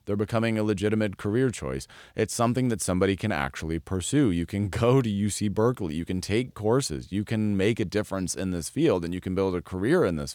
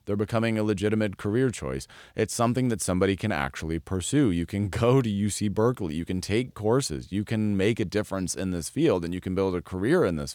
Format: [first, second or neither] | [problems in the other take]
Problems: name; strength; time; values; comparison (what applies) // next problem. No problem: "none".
neither | none